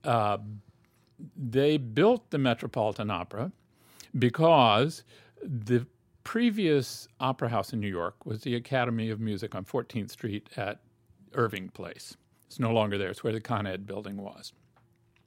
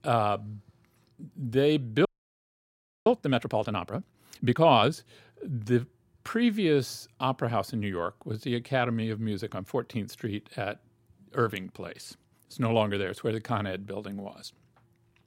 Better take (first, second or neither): first